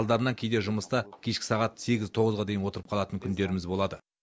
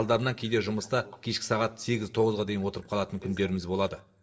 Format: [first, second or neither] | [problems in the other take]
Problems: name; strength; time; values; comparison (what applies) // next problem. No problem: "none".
first | noise reduction (neural separator model SepFormer DNS4)